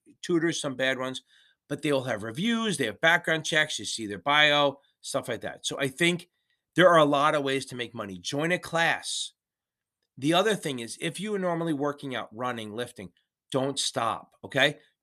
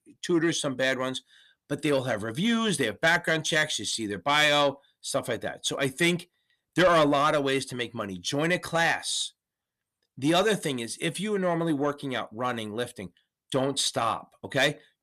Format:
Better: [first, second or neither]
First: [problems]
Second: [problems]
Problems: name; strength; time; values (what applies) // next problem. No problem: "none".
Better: first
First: none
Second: distortion; slight; 10 dB below the speech